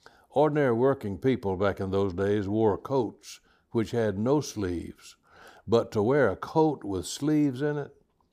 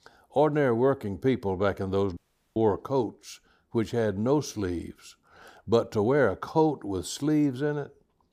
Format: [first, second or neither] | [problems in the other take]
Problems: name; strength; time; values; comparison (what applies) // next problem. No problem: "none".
first | audio cutting out; at 2 s